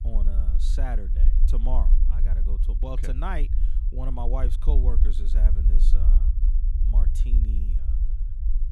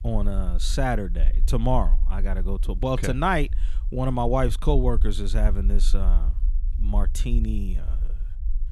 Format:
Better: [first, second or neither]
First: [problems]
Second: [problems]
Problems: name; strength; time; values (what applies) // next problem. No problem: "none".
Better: second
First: low rumble; loud; throughout; 7 dB below the speech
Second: low rumble; faint; throughout; 20 dB below the speech